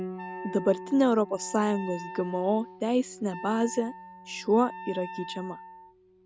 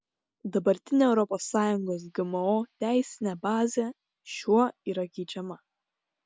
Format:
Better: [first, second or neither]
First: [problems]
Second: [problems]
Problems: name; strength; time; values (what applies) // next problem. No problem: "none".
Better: second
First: background sound (Wind instrument, woodwind instrument + Piano); 13 dB below the speech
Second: none